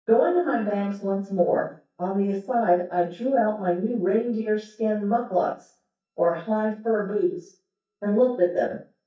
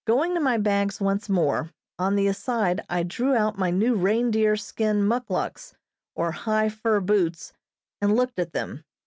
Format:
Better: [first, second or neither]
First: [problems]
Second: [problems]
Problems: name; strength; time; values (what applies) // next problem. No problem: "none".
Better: second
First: noise reduction (neural mask model DeepFilterNet 3)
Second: none